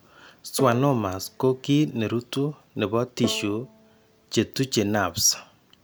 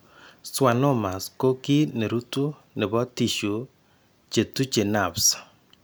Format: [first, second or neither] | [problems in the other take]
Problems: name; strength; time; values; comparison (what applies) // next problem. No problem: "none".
second | background sound (Bowed string instrument); 16 dB below the speech